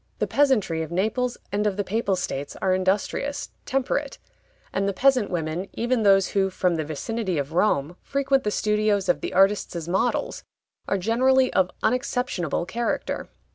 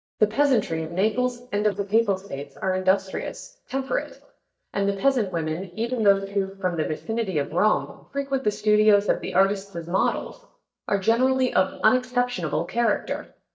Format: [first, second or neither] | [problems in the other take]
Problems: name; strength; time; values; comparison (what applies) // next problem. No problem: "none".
first | noise reduction (neural mask model DeepFilterNet 3)